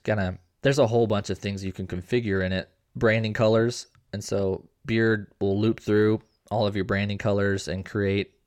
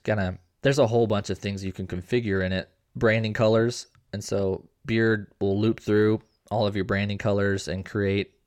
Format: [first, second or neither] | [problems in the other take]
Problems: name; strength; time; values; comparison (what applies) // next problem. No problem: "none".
neither | none